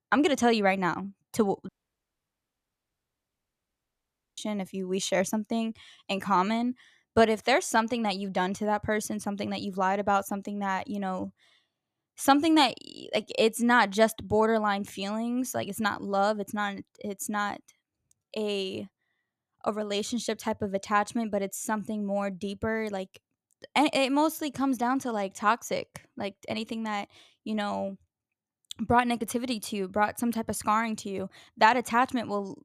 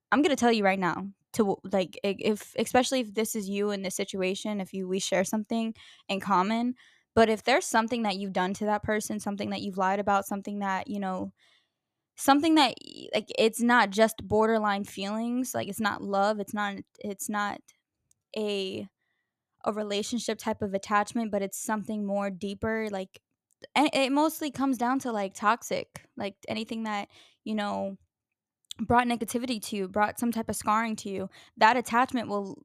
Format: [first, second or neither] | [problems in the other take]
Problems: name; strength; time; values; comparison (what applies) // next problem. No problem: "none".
second | audio cutting out; at 1.5 s for 2.5 s